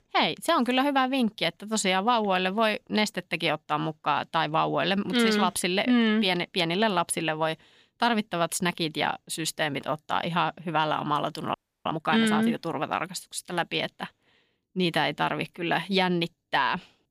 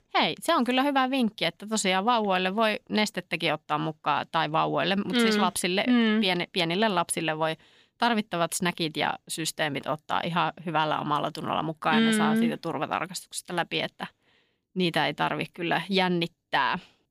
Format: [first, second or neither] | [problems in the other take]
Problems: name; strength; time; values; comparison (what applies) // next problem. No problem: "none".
second | audio freezing; at 12 s